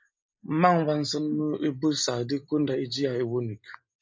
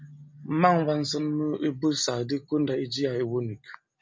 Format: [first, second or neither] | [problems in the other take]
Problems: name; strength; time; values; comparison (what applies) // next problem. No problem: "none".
second | noise reduction (neural mask model Resemble Enhance denoiser)